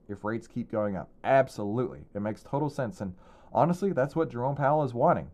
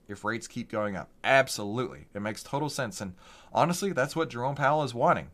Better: second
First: muffled; slightly; fading above 1.5 kHz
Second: none

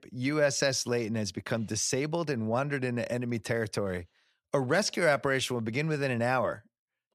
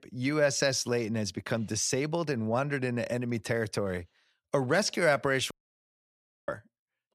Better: first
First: none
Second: audio cutting out; at 5.5 s for 1 s

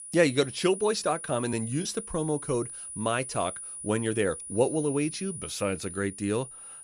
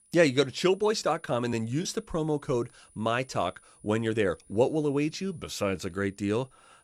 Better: second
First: high-pitched whine; loud; throughout; 9.5 kHz, 9 dB below the speech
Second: high-pitched whine; faint; throughout; 9.5 kHz, 30 dB below the speech

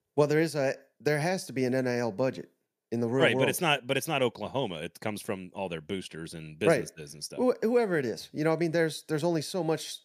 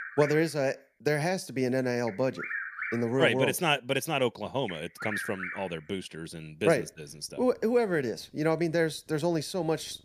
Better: first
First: none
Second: animal sounds; loud; throughout; 9 dB below the speech

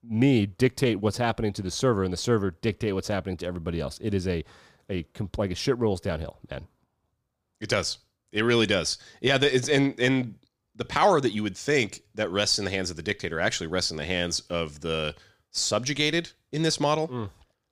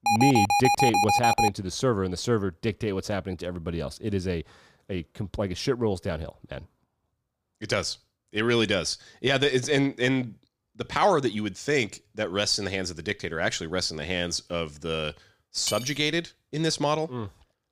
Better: first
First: none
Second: alarm; loud; until 1.5 s; peak 5 dB above the speech // clattering dishes; noticeable; at 16 s; peak 7 dB below the speech

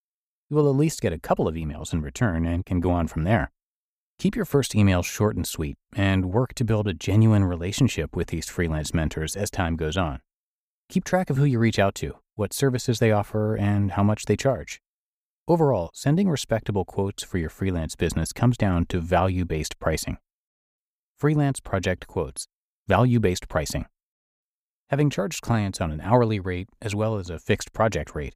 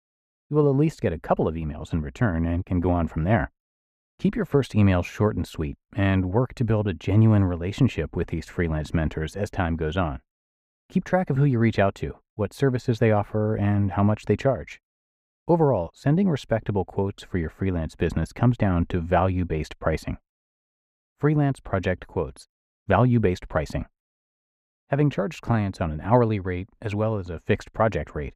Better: first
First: none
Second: muffled; slightly; fading above 4 kHz

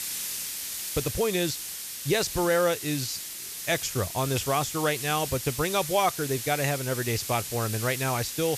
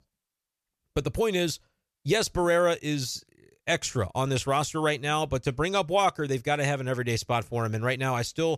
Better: second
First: hiss; loud; throughout; 5 dB below the speech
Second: none

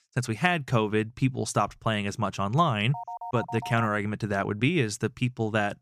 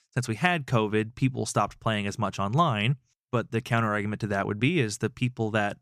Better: second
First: phone ringing; faint; at 3 s; peak 10 dB below the speech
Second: none

